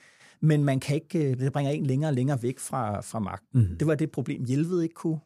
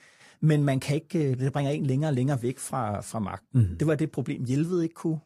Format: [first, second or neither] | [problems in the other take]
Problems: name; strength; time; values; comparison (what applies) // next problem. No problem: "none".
first | garbled, watery; slightly; nothing above 15.5 kHz